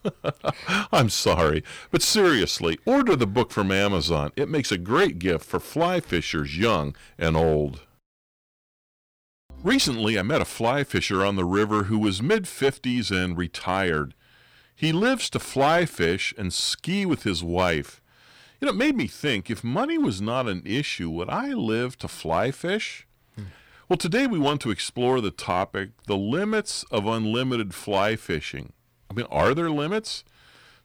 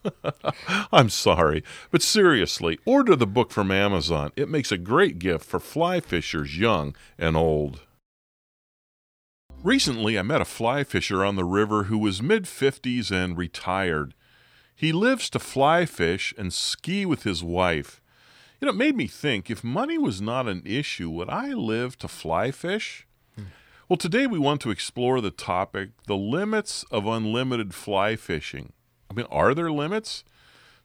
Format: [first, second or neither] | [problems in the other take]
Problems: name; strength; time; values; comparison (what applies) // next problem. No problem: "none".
second | distortion; slight; 4% of the sound clipped